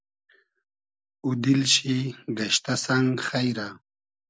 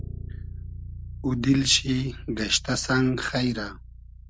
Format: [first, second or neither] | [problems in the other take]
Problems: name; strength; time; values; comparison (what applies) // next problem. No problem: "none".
first | background sound (Bass guitar); 12 dB below the speech